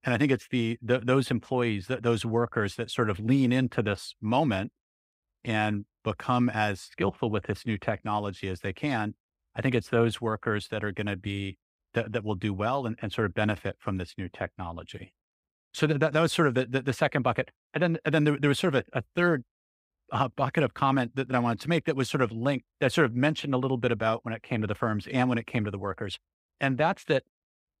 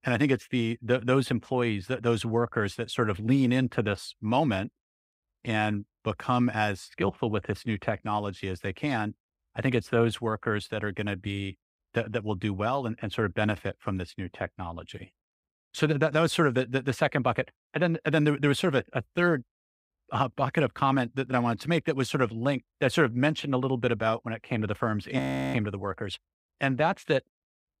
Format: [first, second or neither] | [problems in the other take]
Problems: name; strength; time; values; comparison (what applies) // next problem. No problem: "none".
first | audio freezing; at 25 s